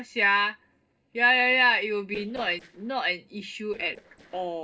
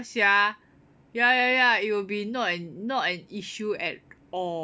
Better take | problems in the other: second | noise reduction (neural separator model SepFormer DNS4)

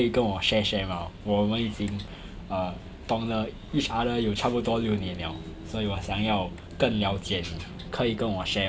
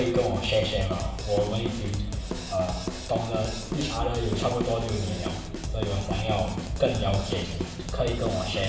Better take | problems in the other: first | background sound (Drum kit); 6 dB below the speech // room echo; dies away in 0.9 s

